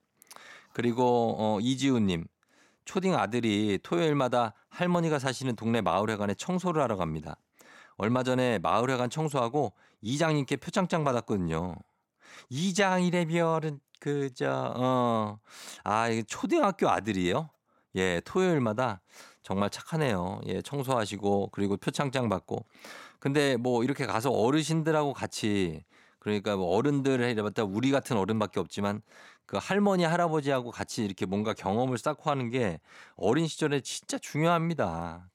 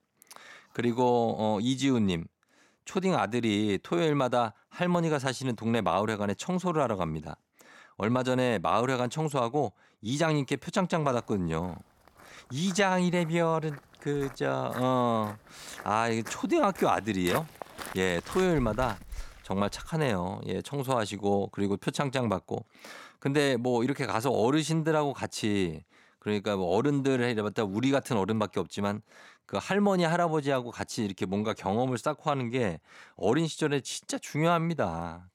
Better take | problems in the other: first | footsteps; noticeable; from 13 to 20 s; peak 8 dB below the speech

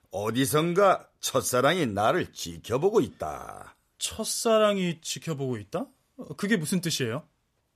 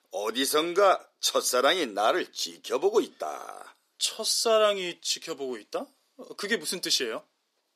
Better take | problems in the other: first | thin; somewhat; fading below 300 Hz

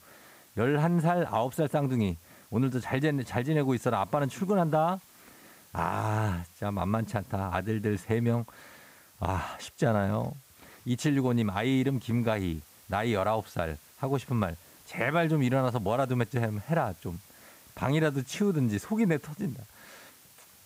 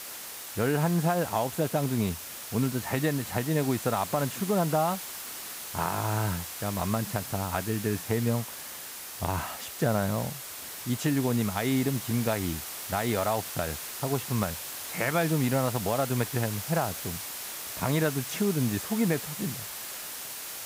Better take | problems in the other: first | hiss; loud; throughout; 7 dB below the speech; faint in the first

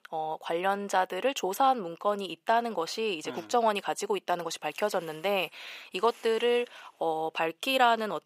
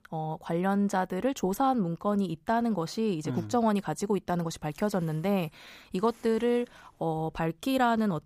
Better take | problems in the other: second | thin; somewhat; fading below 500 Hz

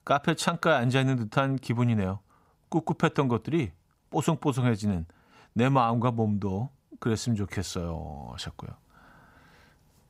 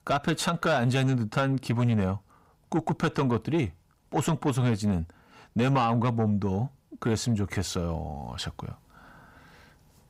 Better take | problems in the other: first | distortion; slight; 10 dB below the speech

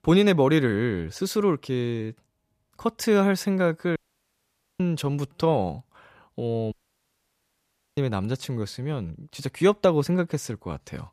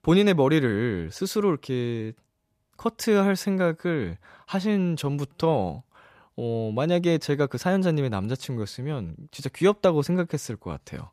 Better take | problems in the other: second | audio cutting out; at 4 s for 1 s and at 6.5 s for 1.5 s

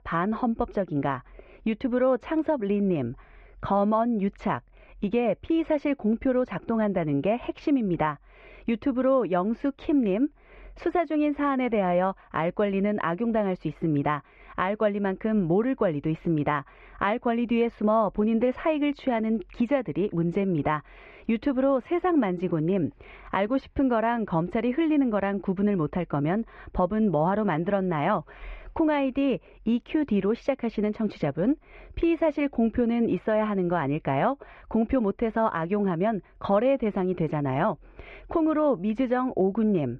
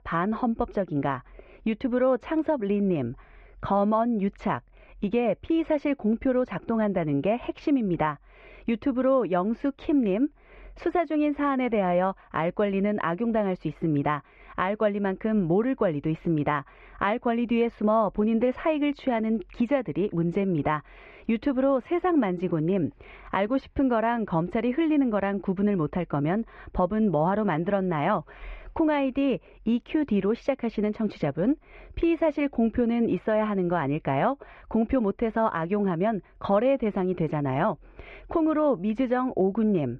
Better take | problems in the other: neither | muffled; very; fading above 2.5 kHz; the same in both

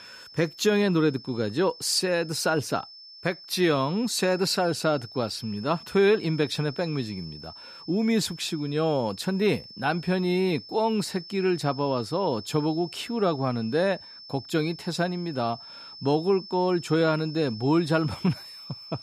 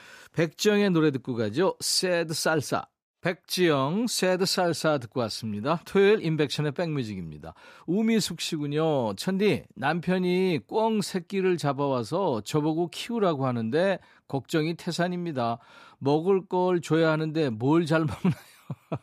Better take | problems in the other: second | high-pitched whine; noticeable; throughout; 5.5 kHz, 15 dB below the speech

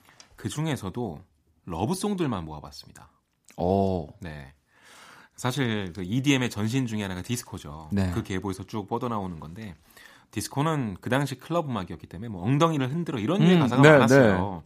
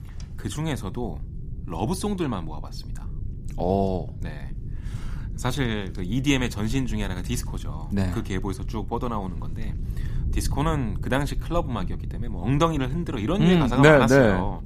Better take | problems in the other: first | low rumble; faint; throughout; 20 dB below the speech

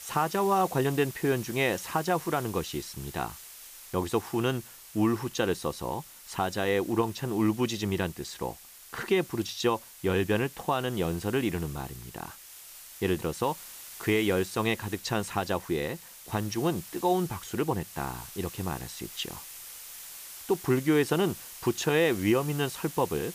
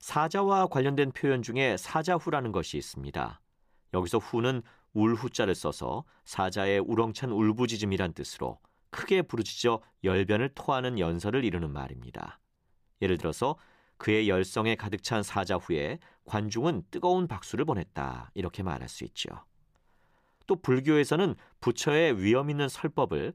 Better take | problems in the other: second | hiss; noticeable; throughout; 15 dB below the speech

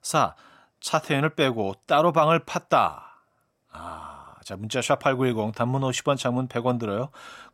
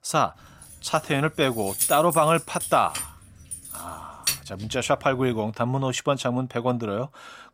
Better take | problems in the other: first | jangling keys; loud; from 1 to 4.5 s; peak level with the speech

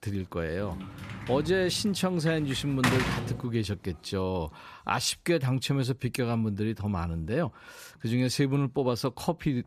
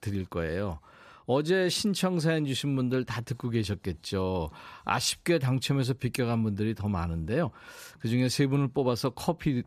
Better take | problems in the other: second | door banging; loud; from 0.5 to 3.5 s; peak 2 dB above the speech

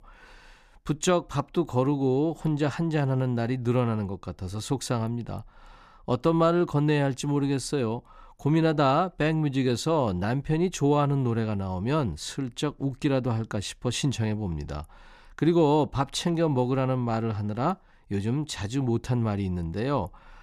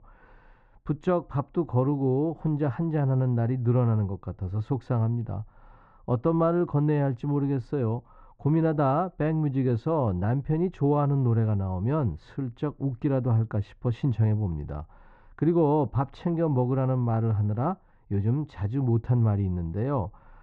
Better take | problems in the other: first | muffled; very; fading above 1.5 kHz

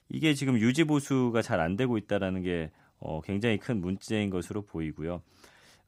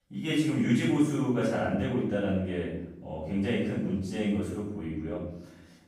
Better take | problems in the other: first | room echo; strong; dies away in 0.8 s // off-mic speech; far

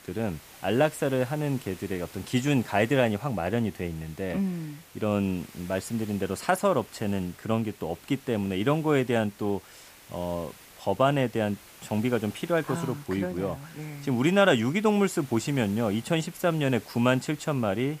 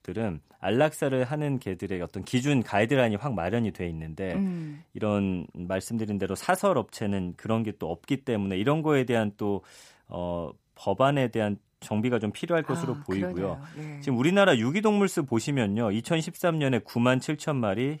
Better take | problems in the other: second | hiss; faint; throughout; 20 dB below the speech

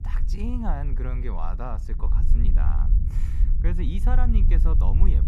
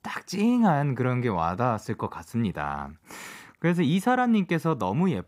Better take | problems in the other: second | low rumble; loud; throughout; 7 dB below the speech

